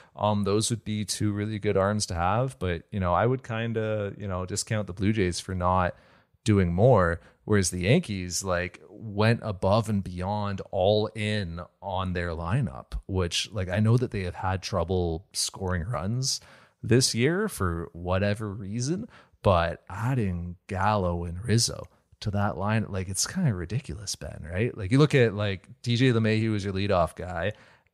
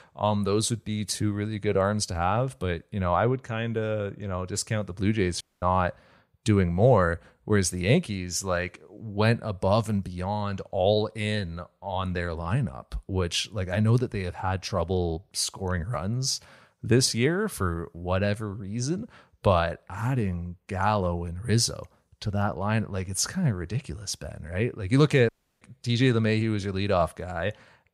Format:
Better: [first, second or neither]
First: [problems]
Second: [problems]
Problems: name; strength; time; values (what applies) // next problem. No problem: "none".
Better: first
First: none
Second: audio cutting out; at 5.5 s and at 25 s